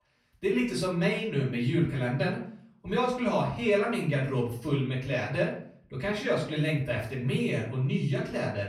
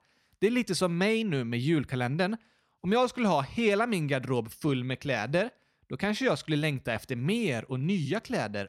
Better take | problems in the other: second | room echo; slight; dies away in 0.5 s // off-mic speech; far

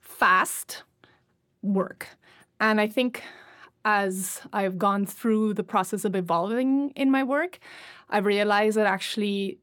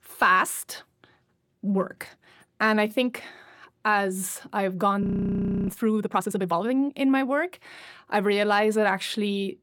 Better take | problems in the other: first | audio freezing; at 5 s for 0.5 s

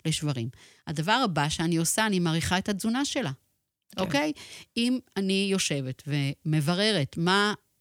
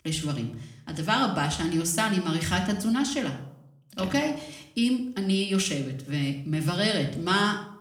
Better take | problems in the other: first | room echo; slight; dies away in 0.6 s // off-mic speech; somewhat distant

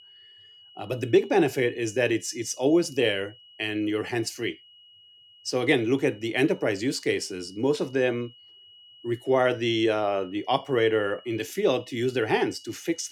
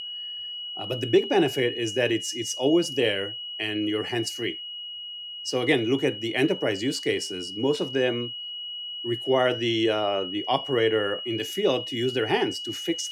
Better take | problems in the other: first | high-pitched whine; loud; throughout; 3 kHz, 7 dB below the speech; faint in the first

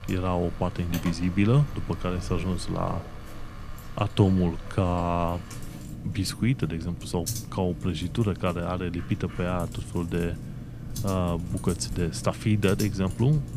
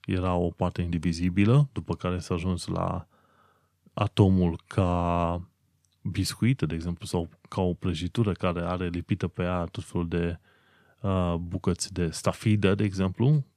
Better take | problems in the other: second | household noises; noticeable; throughout; 10 dB below the speech

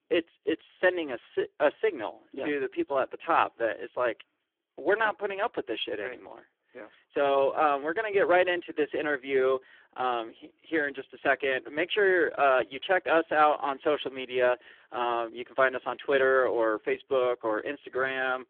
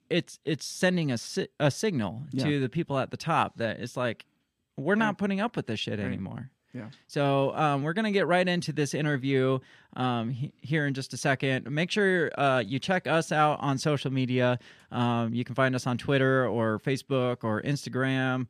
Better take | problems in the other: second | phone-call audio; poor line

